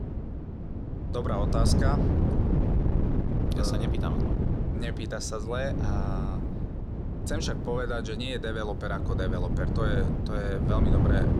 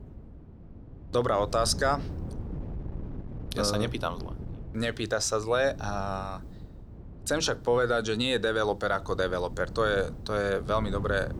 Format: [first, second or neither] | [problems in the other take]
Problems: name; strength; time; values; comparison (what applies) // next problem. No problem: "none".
second | wind noise on the microphone; heavy; 3 dB below the speech; occasional gusts in the second